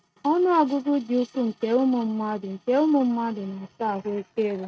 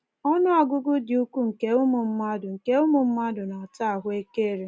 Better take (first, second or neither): second